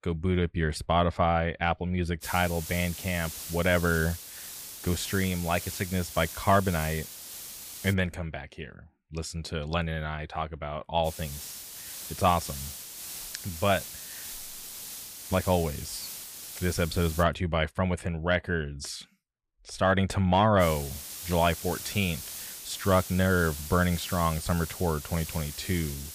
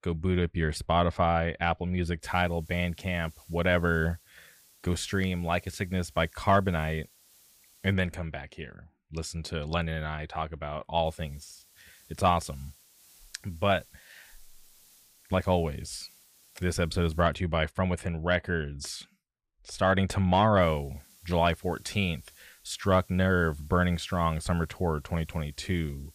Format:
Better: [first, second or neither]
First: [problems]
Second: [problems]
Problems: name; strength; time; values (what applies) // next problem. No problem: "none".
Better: second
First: hiss; loud; from 2 to 8 s, from 11 to 17 s and from 21 s on; 10 dB below the speech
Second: hiss; faint; from 2 to 8 s, from 11 to 17 s and from 21 s on; 25 dB below the speech